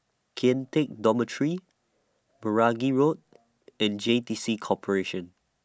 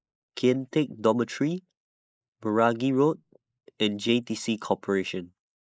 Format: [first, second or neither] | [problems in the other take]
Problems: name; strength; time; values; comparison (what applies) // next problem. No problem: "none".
first | noise reduction (neural mask model Resemble Enhance denoiser)